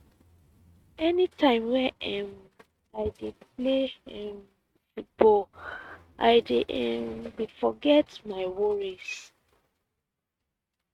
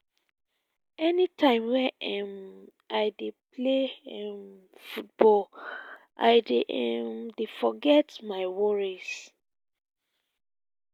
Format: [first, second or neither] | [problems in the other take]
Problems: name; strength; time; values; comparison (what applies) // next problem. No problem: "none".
second | noise reduction (neural mask model RNNoise)